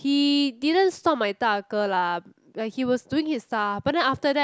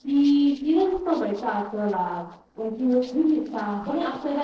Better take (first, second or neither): first